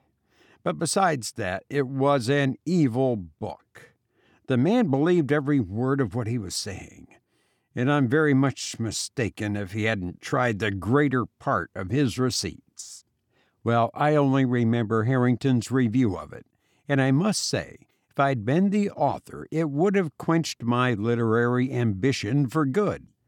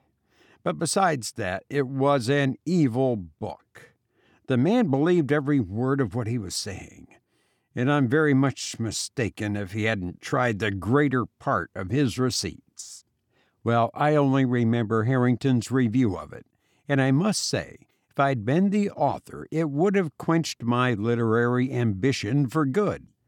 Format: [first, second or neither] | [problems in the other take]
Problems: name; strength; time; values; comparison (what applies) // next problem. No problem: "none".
neither | none